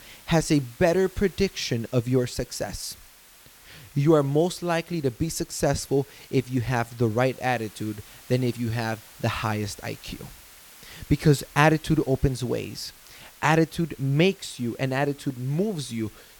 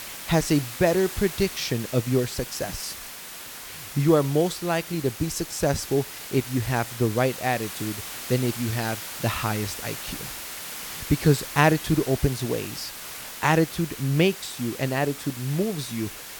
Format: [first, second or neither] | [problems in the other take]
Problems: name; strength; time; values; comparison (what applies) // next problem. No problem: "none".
first | hiss; loud; throughout; 9 dB below the speech; faint in the first